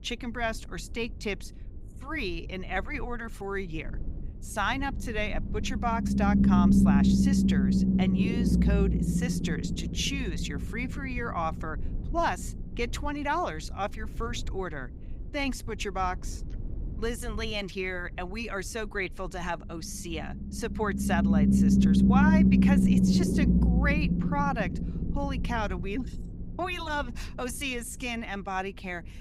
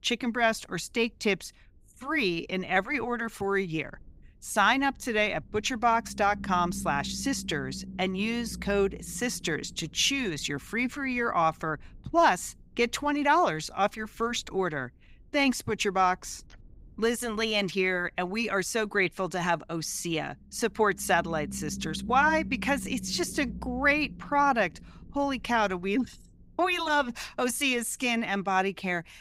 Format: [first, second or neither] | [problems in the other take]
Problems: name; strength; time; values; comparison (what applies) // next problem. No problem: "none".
second | low rumble; loud; throughout; as loud as the speech; faint in the second